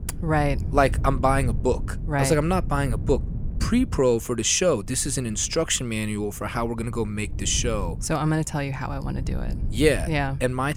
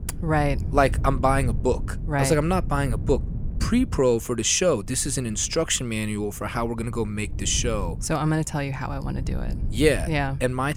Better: neither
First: wind noise on the microphone; occasional gusts; 20 dB below the speech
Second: wind noise on the microphone; occasional gusts; 20 dB below the speech

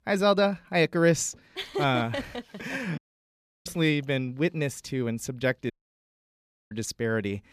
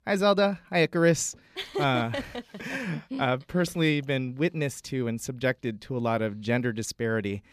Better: second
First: audio cutting out; at 3 s for 0.5 s and at 5.5 s for 1 s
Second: none

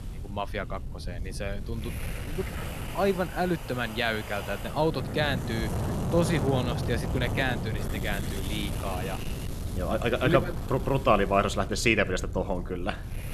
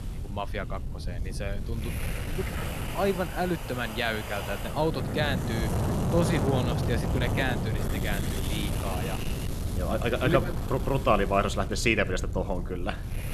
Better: first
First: wind noise on the microphone; occasional gusts; 10 dB below the speech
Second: wind noise on the microphone; heavy; 7 dB below the speech

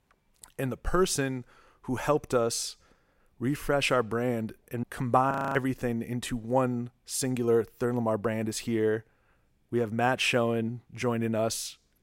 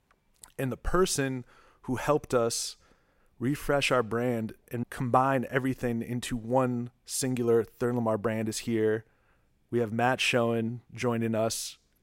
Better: second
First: audio freezing; at 5.5 s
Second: none

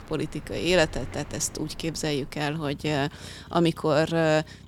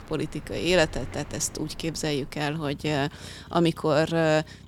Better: neither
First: traffic noise; noticeable; throughout; 20 dB below the speech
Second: traffic noise; noticeable; throughout; 20 dB below the speech

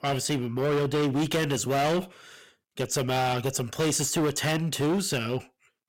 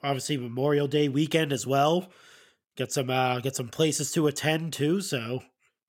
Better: second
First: distortion; heavy; 18% of the sound clipped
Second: none

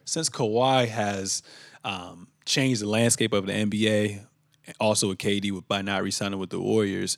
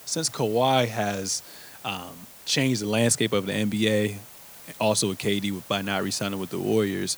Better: first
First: none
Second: hiss; noticeable; throughout; 20 dB below the speech

